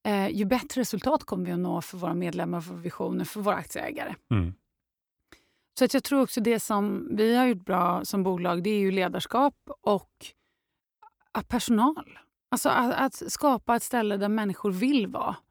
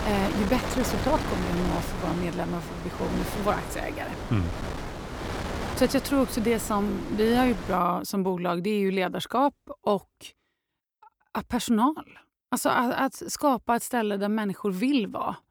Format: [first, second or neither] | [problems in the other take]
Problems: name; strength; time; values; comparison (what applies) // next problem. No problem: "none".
first | wind noise on the microphone; heavy; until 8 s; 7 dB below the speech